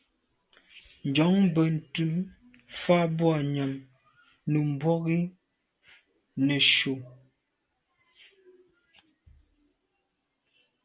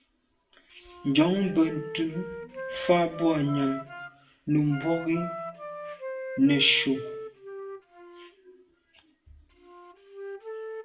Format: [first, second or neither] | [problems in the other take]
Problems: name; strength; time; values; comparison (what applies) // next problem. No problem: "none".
first | background sound (Wind instrument, woodwind instrument); 11 dB below the speech // room echo; dies away in 0.4 s